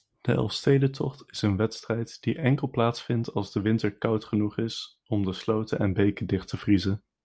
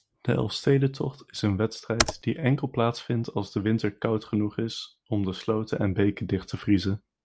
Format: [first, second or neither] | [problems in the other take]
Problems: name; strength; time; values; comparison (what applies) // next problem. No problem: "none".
first | background sound (Computer keyboard); 6 dB below the speech